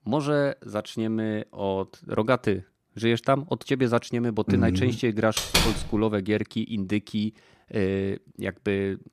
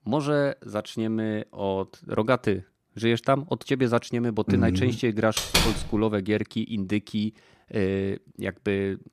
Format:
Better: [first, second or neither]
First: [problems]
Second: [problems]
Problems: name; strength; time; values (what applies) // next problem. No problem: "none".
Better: neither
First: door banging; loud; at 5.5 s; peak 4 dB above the speech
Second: door banging; loud; at 5.5 s; peak 4 dB above the speech